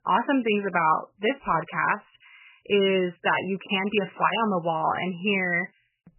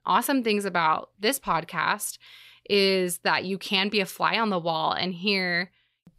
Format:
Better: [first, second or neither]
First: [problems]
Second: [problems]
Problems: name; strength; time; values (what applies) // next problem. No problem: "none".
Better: second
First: garbled, watery; badly; nothing above 3 kHz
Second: none